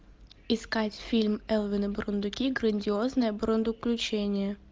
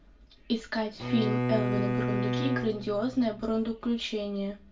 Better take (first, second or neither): first